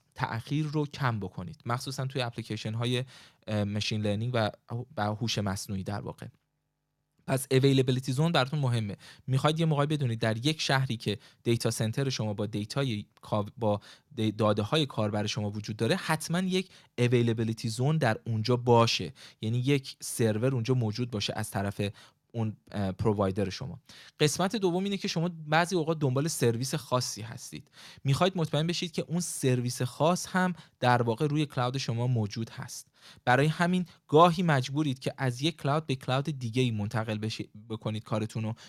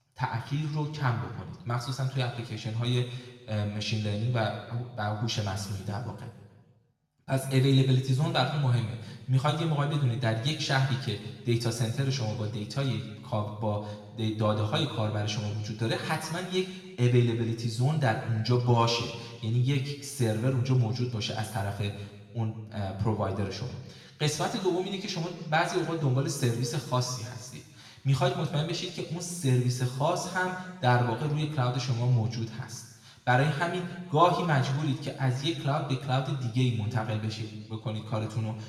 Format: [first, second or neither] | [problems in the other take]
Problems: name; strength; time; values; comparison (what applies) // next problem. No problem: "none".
first | room echo; noticeable; dies away in 1.2 s // off-mic speech; far